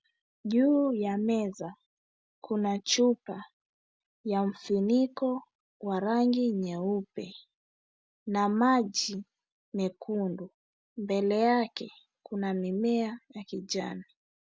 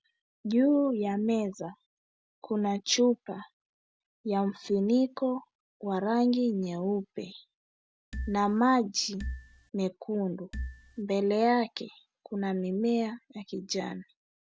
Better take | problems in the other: first | background sound (Marimba, xylophone); 8 dB below the speech

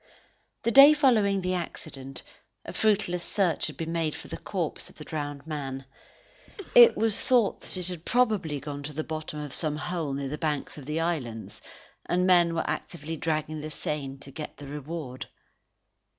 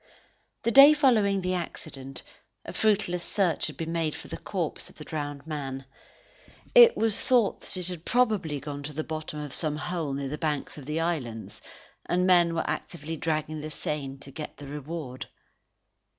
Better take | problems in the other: second | background sound (Cough); 18 dB below the speech

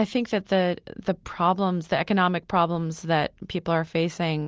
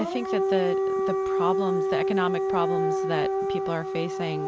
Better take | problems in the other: first | background sound (Siren / Dog); 4 dB above the speech

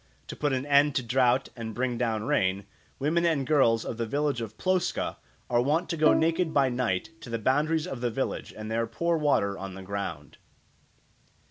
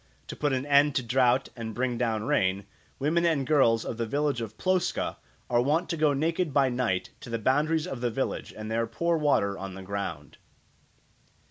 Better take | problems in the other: second | background sound (Bowed string instrument); 6 dB below the speech

